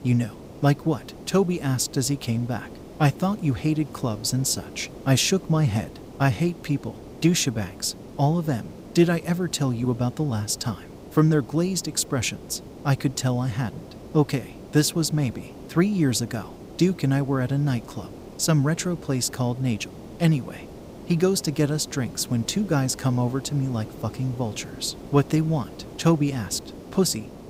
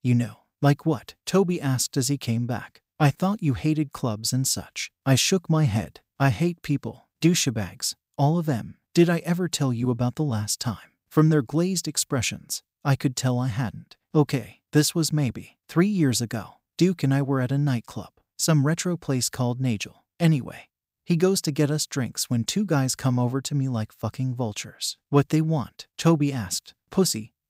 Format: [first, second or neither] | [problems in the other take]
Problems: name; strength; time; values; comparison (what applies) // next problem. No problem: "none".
second | hiss; noticeable; throughout; 15 dB below the speech